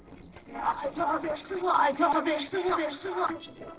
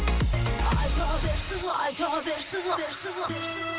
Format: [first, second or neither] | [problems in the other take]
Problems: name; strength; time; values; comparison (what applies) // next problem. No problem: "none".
second | noise reduction (neural separator model SepFormer DNS4)